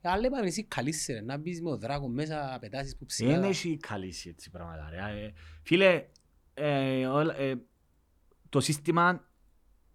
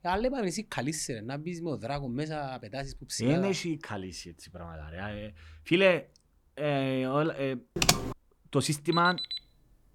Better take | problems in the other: first | keyboard typing; loud; at 8 s; peak 5 dB above the speech // alarm; noticeable; at 9 s; peak 3 dB below the speech

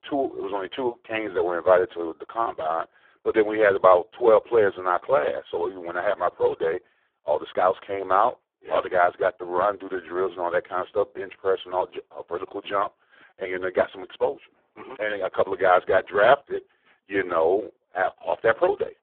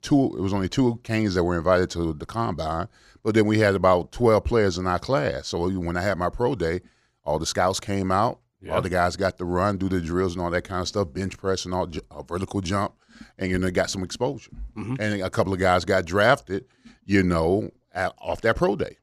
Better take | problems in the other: second | phone-call audio; poor line

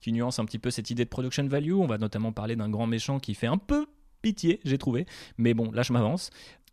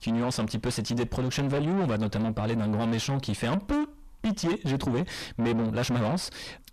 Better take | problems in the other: first | distortion; heavy; 5 dB below the speech

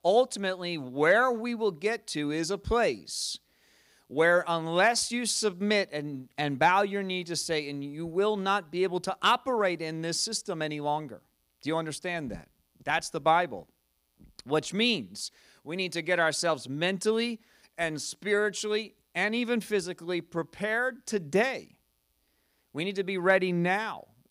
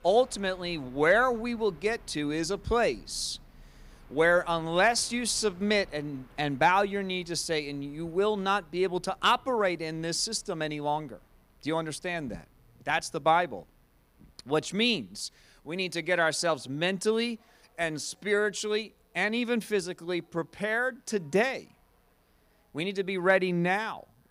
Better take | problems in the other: first | train or aircraft noise; faint; throughout; 30 dB below the speech

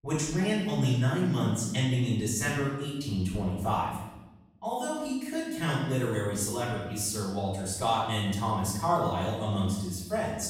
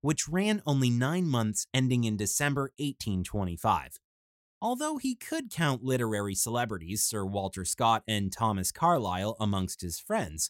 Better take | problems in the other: second | off-mic speech; far // room echo; noticeable; dies away in 1.1 s

